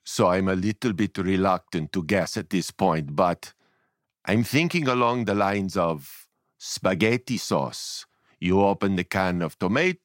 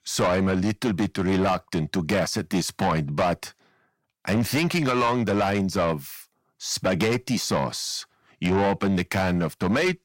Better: first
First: none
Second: distortion; heavy; 7 dB below the speech

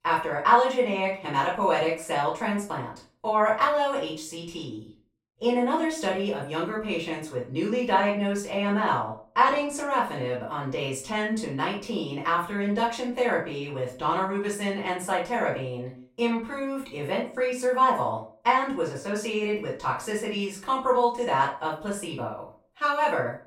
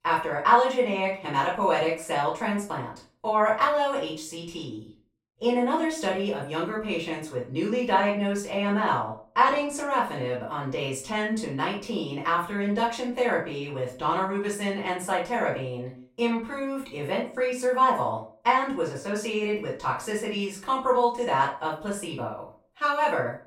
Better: neither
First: off-mic speech; far // room echo; slight; dies away in 0.3 s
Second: off-mic speech; far // room echo; slight; dies away in 0.3 s

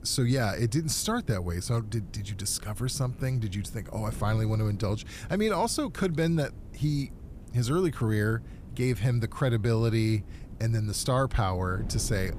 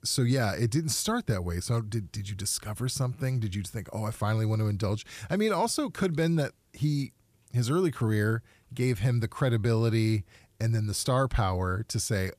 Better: second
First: wind noise on the microphone; occasional gusts; 20 dB below the speech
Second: none

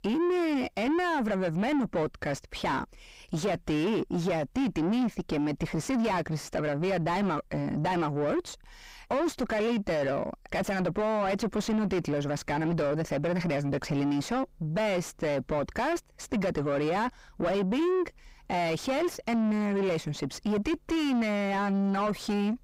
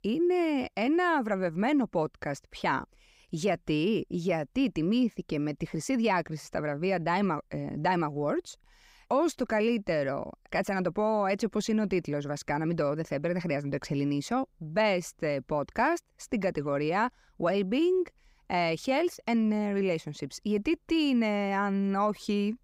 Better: second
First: distortion; heavy; 7 dB below the speech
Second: none

